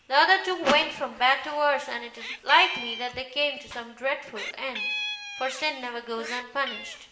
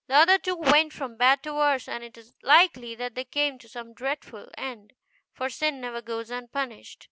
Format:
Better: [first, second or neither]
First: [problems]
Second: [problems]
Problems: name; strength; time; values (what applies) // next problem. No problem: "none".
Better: second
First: background sound (Meow); 12 dB below the speech // room echo; dies away in 0.8 s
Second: none